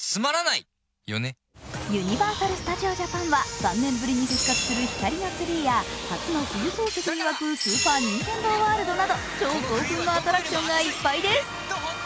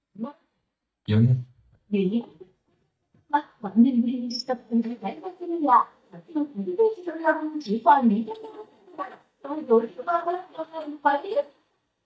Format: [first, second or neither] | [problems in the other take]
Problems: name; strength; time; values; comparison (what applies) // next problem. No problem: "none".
first | noise reduction (neural mask model DeepFilterNet 3)